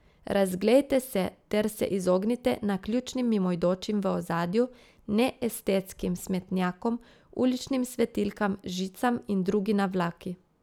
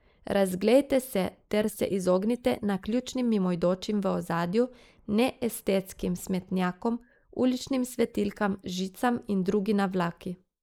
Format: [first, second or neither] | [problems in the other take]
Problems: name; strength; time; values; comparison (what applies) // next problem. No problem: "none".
first | noise reduction (neural mask model Resemble Enhance denoiser)